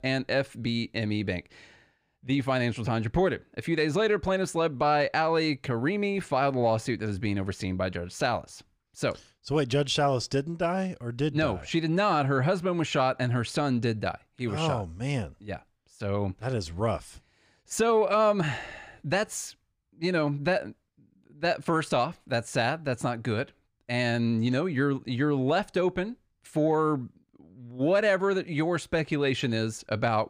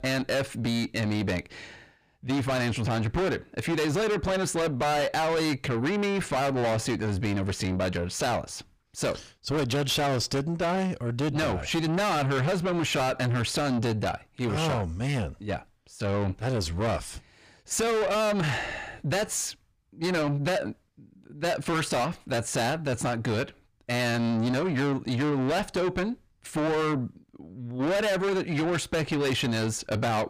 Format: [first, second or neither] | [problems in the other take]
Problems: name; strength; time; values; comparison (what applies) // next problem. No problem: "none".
first | distortion; heavy; 6 dB below the speech